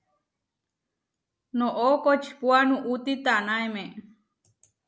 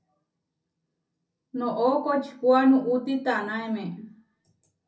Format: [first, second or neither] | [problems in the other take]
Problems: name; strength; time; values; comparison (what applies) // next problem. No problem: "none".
first | room echo; dies away in 0.3 s